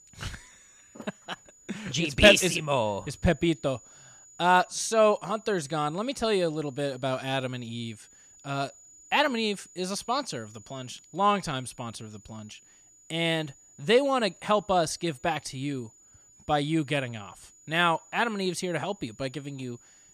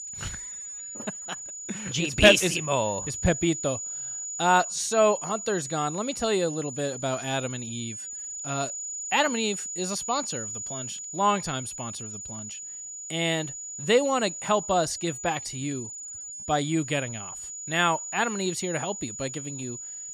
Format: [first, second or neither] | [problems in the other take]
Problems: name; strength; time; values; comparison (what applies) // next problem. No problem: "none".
first | high-pitched whine; loud; throughout; 7 kHz, 8 dB below the speech; faint in the first